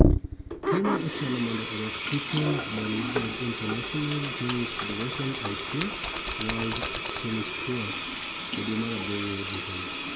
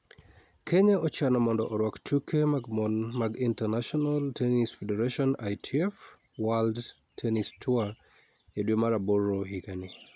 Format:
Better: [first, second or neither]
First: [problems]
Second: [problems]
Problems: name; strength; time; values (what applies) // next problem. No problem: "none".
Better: second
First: background sound (Sink (filling or washing)); 2 dB above the speech // room echo; dies away in 1.1 s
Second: none